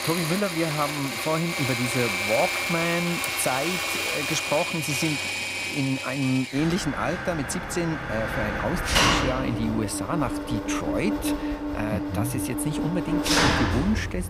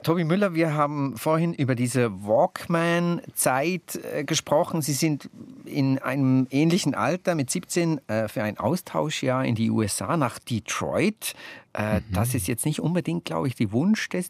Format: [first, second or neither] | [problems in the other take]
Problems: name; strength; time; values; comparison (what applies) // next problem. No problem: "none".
second | machinery noise; very loud; throughout; 1 dB above the speech